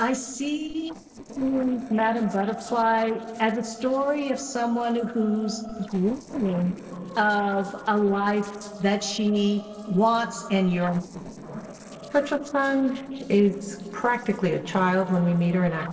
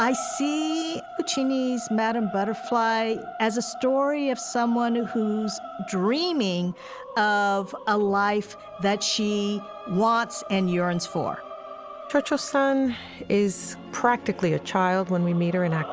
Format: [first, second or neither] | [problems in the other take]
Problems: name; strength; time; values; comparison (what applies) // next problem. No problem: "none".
second | noise reduction (neural separator model SepFormer DNS4)